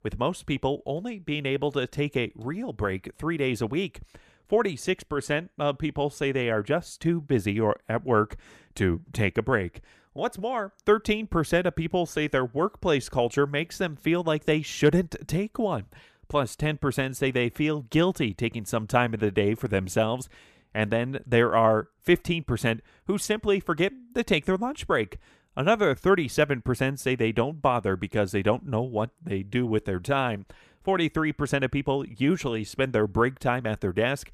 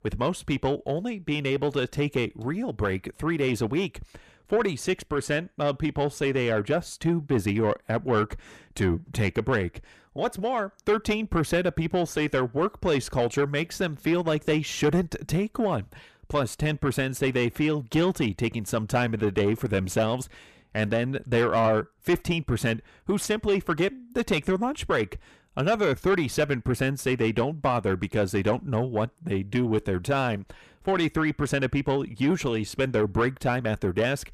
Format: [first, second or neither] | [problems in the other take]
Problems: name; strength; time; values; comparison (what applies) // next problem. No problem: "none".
first | distortion; slight; 10 dB below the speech